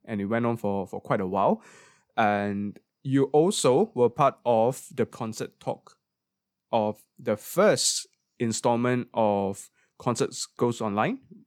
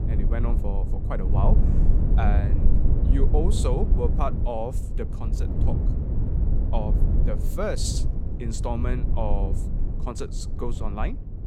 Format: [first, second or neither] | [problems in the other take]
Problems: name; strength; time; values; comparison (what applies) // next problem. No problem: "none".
first | low rumble; loud; throughout; 6 dB below the speech